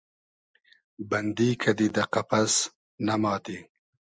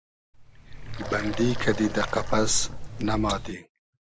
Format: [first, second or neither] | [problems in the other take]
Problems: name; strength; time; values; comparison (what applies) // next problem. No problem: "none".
first | background sound (Water); 2 dB below the speech